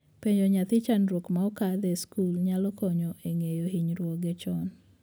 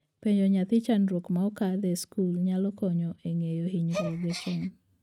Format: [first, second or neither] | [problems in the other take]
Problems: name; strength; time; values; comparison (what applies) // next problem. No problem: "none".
first | noise reduction (neural mask model RNNoise)